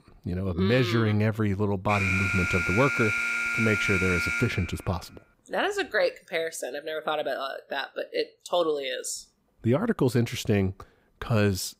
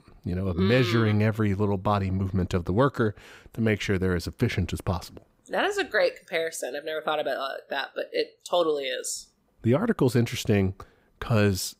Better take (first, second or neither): second